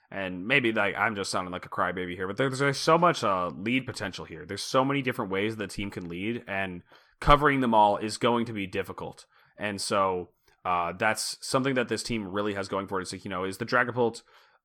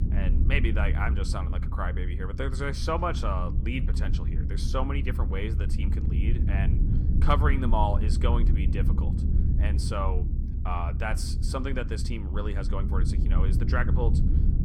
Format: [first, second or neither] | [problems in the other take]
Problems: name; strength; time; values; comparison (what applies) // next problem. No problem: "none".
first | low rumble; loud; throughout; 9 dB below the speech